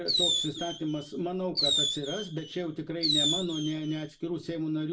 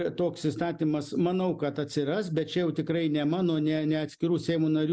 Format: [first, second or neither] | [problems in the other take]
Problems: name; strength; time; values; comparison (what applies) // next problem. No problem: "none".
second | background sound (Fireworks); 1 dB above the speech // room echo; dies away in 0.2 s